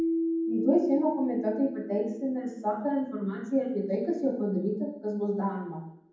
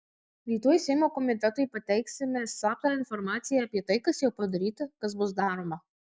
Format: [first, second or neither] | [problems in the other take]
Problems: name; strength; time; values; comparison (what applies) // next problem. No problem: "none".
second | background sound (Keyboard (musical)); 7 dB below the speech // room echo; dies away in 1.2 s